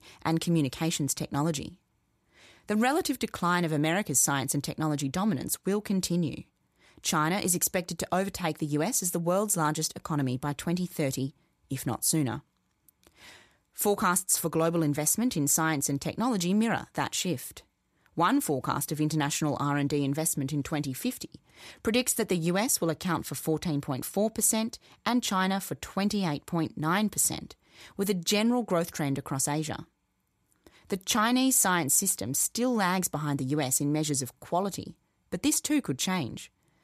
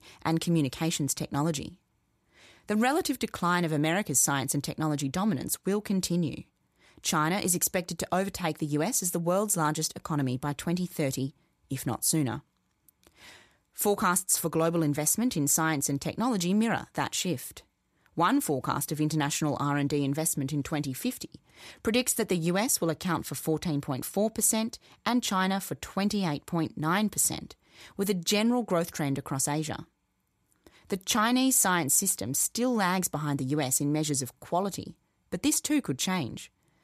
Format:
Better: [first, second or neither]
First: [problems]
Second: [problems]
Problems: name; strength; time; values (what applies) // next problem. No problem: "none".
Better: neither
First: none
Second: none